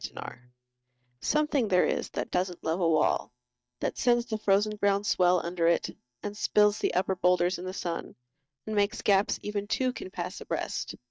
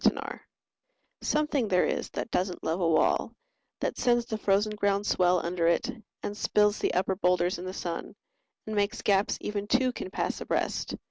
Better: second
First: noise reduction (neural mask model DeepFilterNet 3)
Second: none

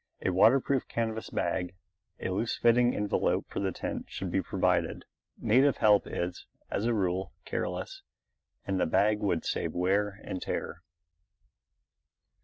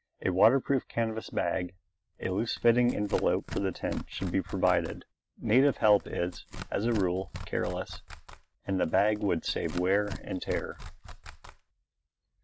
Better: first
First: none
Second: background sound (Tearing); 13 dB below the speech

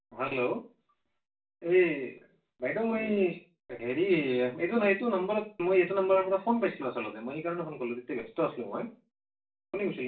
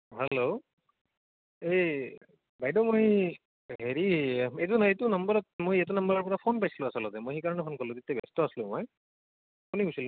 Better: second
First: room echo; dies away in 0.3 s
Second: none

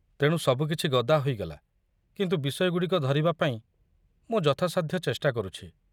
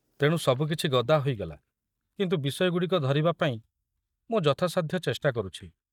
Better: first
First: none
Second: noise reduction (neural mask model DeepFilterNet 3)

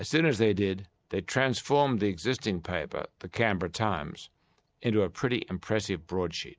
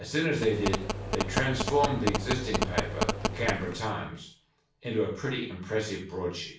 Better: first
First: none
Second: background sound (Telephone); as loud as the speech // room echo; dies away in 0.3 s

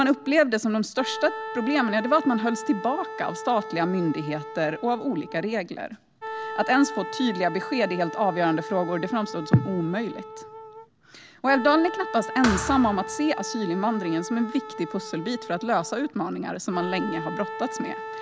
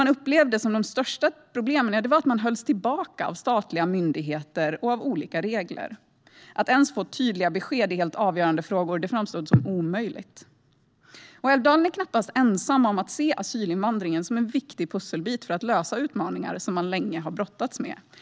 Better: second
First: background sound (Wind instrument, woodwind instrument + Thump, thud); 10 dB below the speech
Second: none

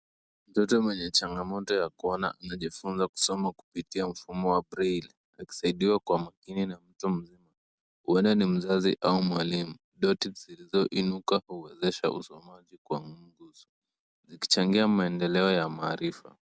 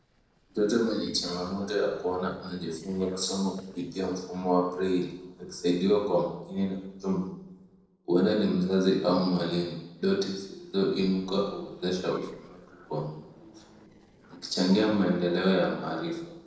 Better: first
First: none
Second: noise reduction (neural separator model SepFormer DNS4)

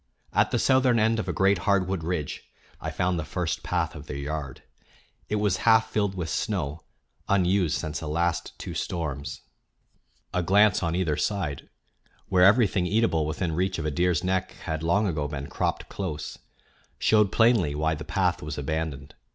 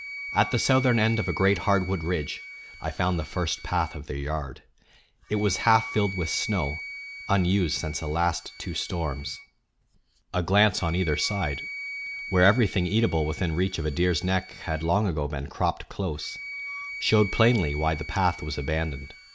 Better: first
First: none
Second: background sound (Wind instrument, woodwind instrument); 13 dB below the speech

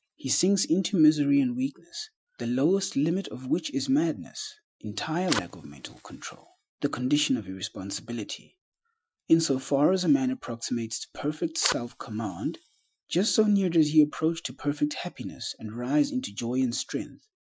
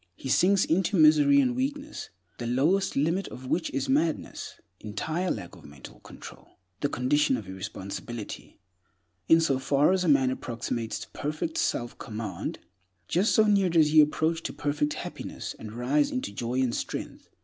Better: second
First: noise reduction (classical method Wiener filter)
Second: none

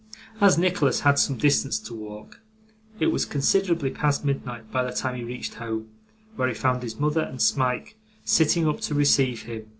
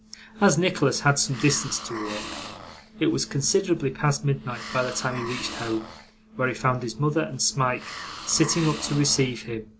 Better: first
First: none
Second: background sound (Hiss); 14 dB below the speech

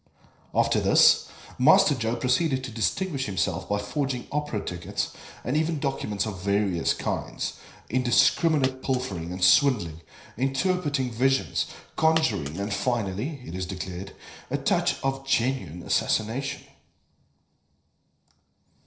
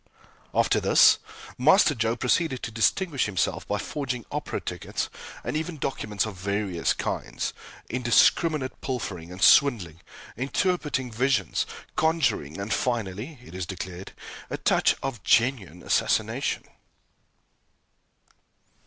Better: second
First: noise reduction (neural separator model SepFormer DNS4)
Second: none

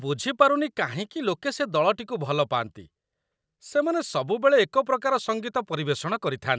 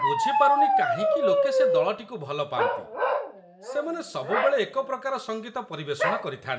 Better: first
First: none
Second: background sound (Bark); 4 dB above the speech // room echo; dies away in 0.5 s

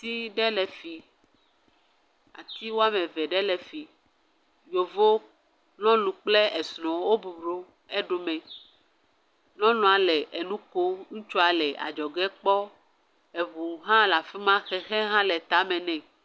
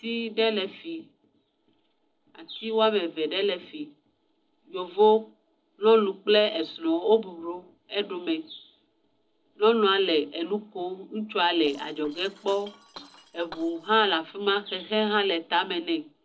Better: first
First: none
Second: noise reduction (neural separator model SepFormer DNS4)

